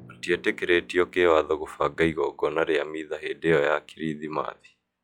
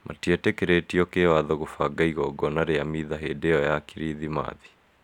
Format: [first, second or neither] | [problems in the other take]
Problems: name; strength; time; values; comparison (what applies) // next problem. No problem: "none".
second | noise reduction (classical method log-MMSE)